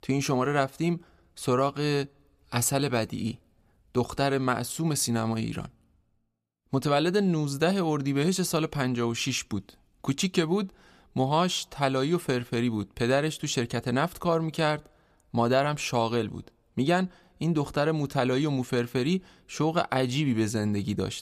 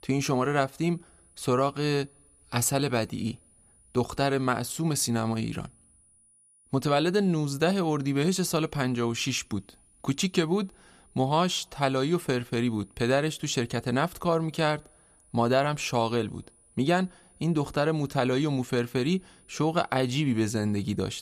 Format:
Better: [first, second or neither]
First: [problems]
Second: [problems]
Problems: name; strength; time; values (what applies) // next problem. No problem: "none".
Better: first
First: none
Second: high-pitched whine; faint; throughout; 9.5 kHz, 30 dB below the speech